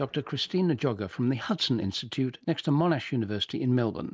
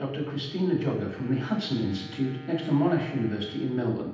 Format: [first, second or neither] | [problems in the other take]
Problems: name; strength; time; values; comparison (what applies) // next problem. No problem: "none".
first | background sound (Wind instrument, woodwind instrument); 20 dB below the speech // room echo; dies away in 0.8 s